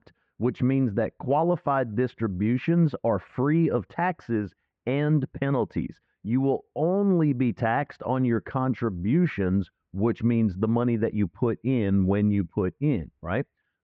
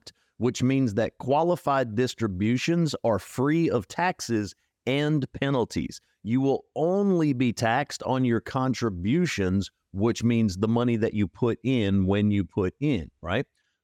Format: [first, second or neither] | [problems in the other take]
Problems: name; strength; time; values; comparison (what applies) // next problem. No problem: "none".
second | muffled; very; fading above 2 kHz